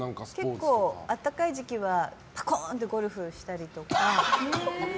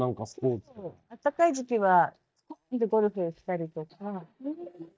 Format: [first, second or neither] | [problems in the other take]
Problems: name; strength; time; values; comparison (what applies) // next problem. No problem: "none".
first | noise reduction (neural mask model DeepFilterNet 3)